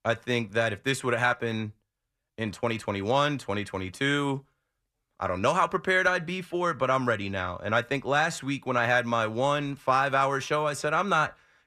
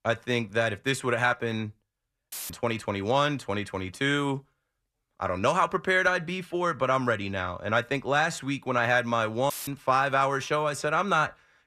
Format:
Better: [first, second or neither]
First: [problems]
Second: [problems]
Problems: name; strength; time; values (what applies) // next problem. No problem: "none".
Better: first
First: none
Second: audio cutting out; filled with static; at 2.5 s and at 9.5 s